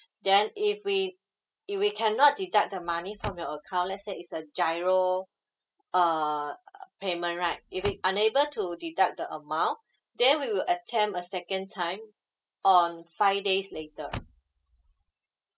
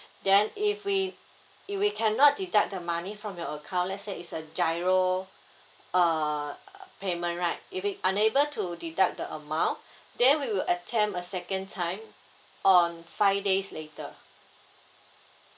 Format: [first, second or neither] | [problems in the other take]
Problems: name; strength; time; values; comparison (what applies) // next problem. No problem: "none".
second | noise reduction (classical method spectral subtraction)